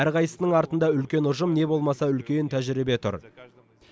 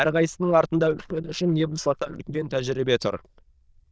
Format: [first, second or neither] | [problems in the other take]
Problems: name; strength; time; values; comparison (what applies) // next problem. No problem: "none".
first | noise reduction (neural diffusion model UNIVERSE++)